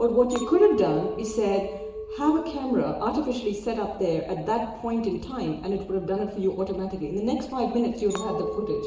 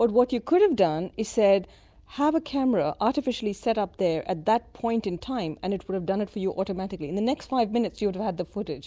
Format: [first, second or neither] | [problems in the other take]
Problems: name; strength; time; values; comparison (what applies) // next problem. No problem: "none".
second | background sound (Chink, clink); 11 dB below the speech // room echo; dies away in 0.9 s